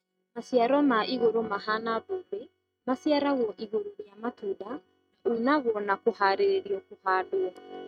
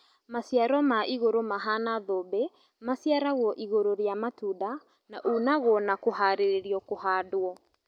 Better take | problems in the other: second | noise reduction (neural mask model RNNoise)

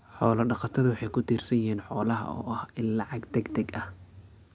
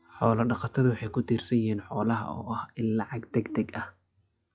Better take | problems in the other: first | noise reduction (classical method log-MMSE)

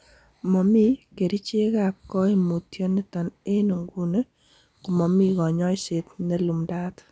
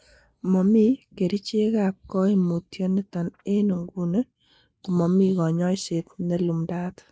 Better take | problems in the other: first | noise reduction (neural mask model Resemble Enhance denoiser)

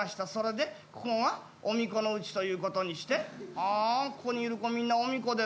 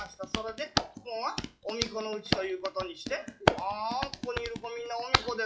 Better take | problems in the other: first | noise reduction (classical method WPE with log-MMSE)

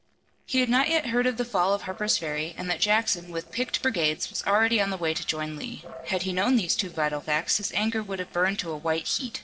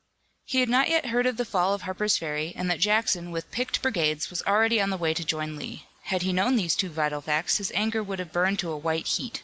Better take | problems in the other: second | noise reduction (neural separator model SepFormer DNS4)

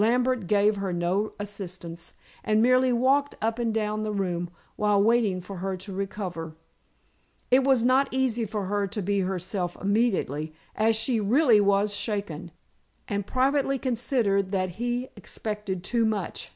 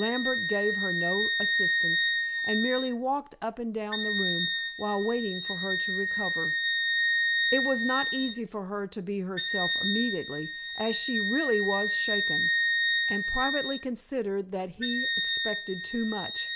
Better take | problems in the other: first | background sound (Wind instrument, woodwind instrument); 3 dB above the speech

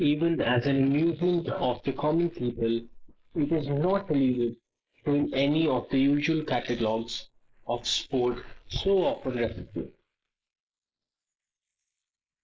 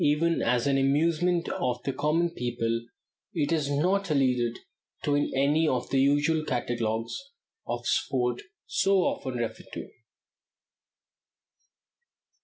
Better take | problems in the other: second | noise reduction (neural mask model Resemble Enhance denoiser)

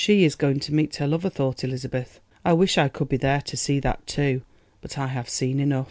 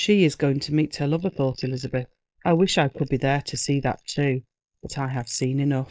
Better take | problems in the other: first | noise reduction (neural mask model Resemble Enhance denoiser)

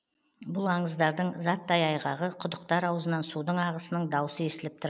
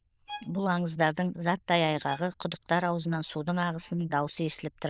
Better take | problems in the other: first | noise reduction (neural diffusion model UNIVERSE++)

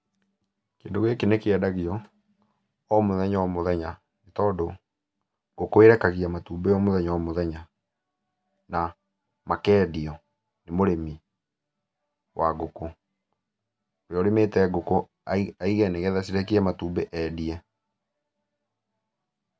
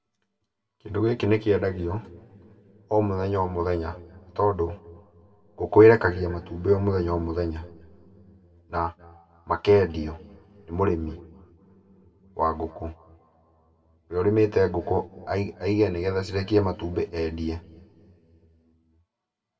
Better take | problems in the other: first | room echo; dies away in 1.9 s

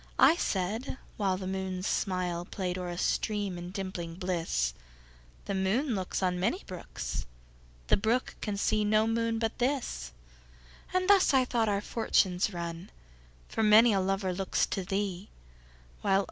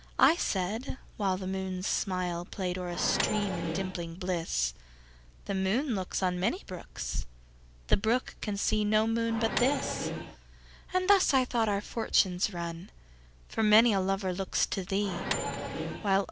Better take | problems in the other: first | background sound (Microwave oven); 4 dB below the speech

